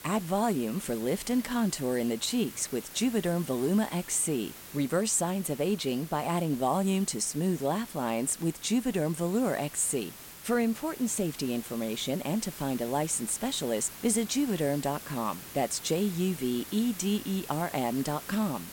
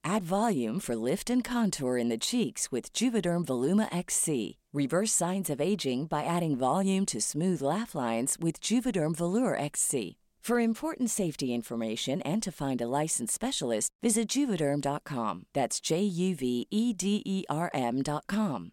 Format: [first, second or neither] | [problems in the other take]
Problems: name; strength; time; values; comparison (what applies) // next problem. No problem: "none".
second | hiss; noticeable; throughout; 15 dB below the speech